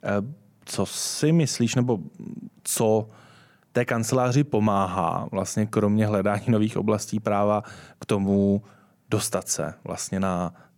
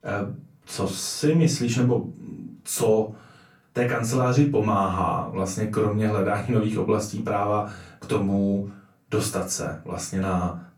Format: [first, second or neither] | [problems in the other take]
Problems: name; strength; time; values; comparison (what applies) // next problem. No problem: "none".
first | off-mic speech; far // room echo; very slight; dies away in 0.3 s